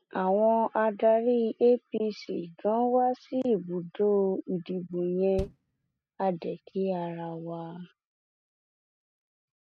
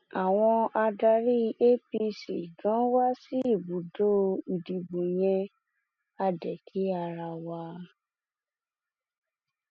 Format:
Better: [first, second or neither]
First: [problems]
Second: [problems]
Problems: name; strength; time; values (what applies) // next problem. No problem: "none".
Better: second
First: noise reduction (neural mask model RNNoise)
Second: none